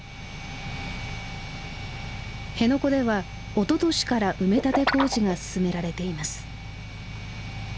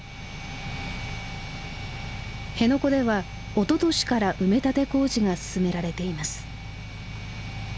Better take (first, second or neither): second